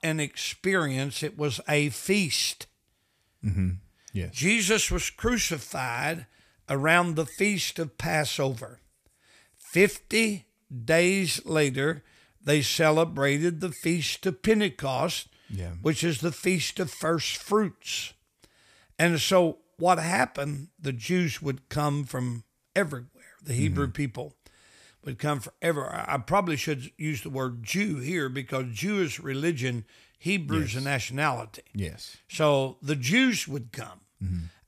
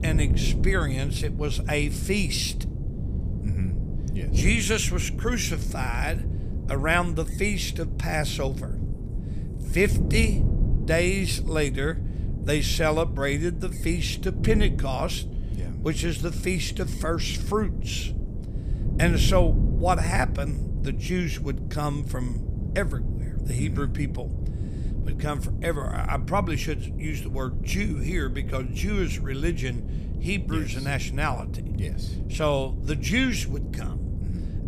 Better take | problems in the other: first | wind noise on the microphone; occasional gusts; 15 dB below the speech

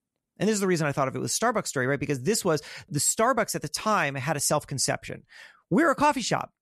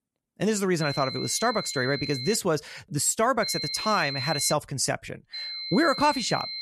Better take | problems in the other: first | high-pitched whine; loud; from 1 to 2.5 s, from 3.5 to 4.5 s and from 5.5 s on; 4 kHz, 6 dB below the speech

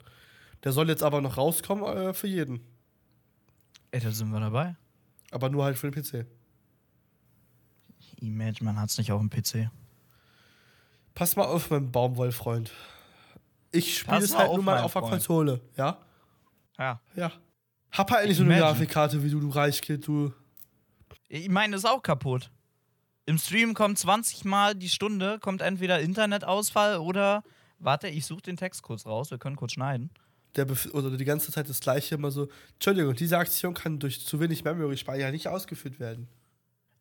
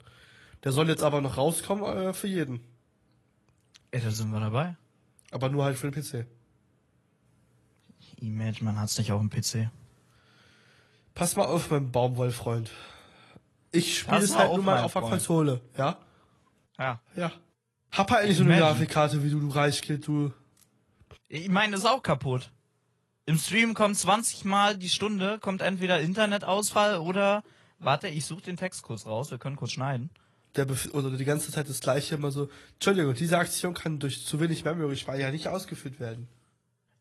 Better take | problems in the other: first | garbled, watery; slightly; nothing above 11.5 kHz

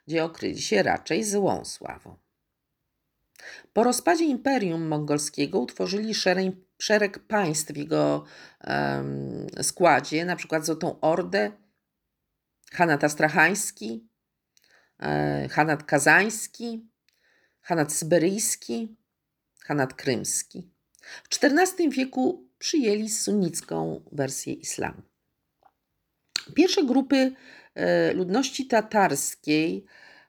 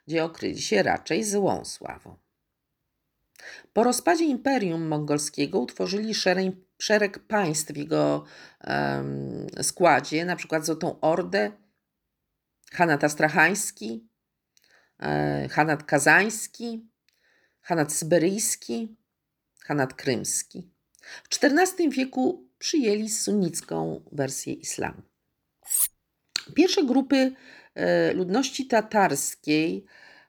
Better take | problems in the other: first | clattering dishes; loud; at 26 s; peak 2 dB above the speech

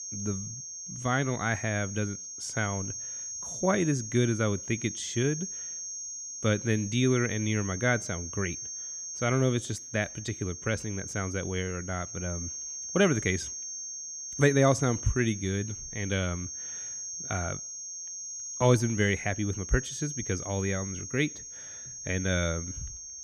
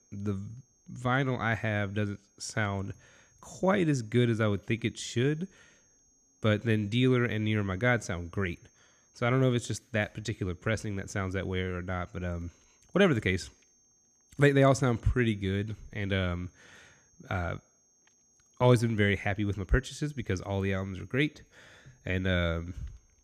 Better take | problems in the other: second | high-pitched whine; loud; throughout; 6.5 kHz, 7 dB below the speech; faint in the second

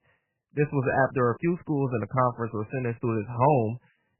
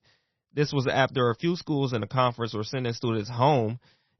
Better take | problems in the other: second | garbled, watery; badly; nothing above 2.5 kHz; slightly in the second

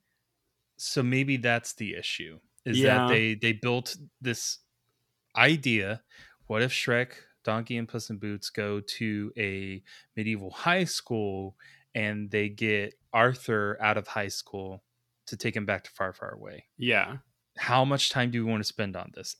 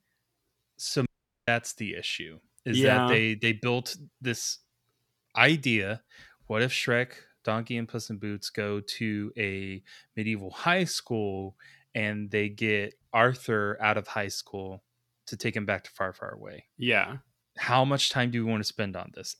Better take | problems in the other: first | audio cutting out; at 1 s

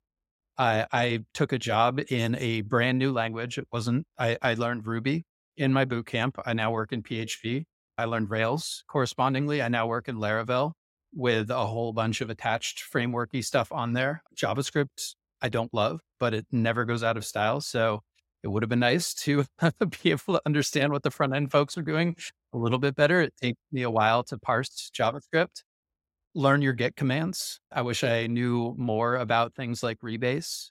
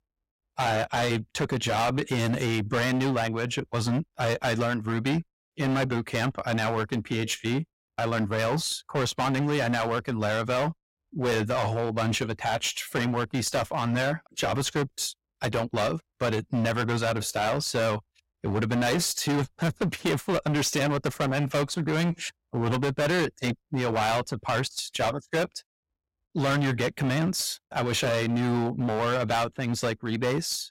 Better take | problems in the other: first | distortion; heavy; 19% of the sound clipped

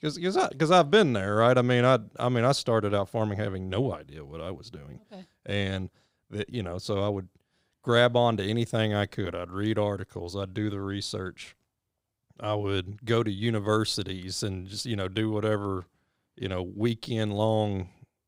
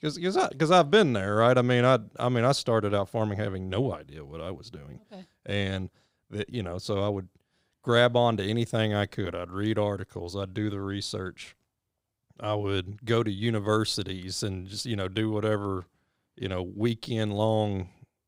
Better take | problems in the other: neither | none

